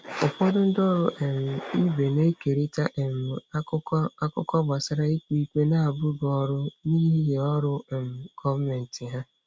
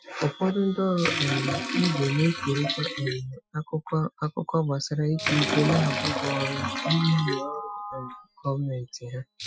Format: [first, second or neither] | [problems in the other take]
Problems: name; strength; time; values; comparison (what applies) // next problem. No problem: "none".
first | noise reduction (classical method Wiener filter)